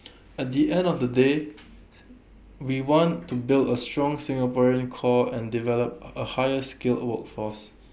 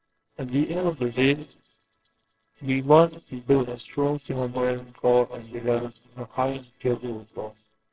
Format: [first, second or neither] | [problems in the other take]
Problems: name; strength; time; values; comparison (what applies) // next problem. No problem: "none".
first | noise reduction (neural separator model SepFormer WHAMR!)